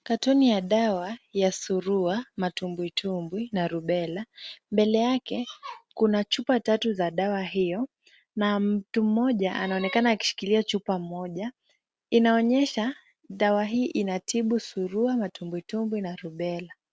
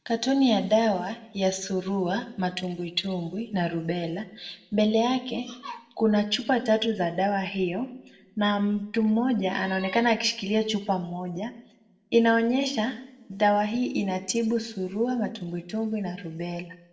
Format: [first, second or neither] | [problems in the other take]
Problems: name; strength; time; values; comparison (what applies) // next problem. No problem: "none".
first | room echo; dies away in 0.7 s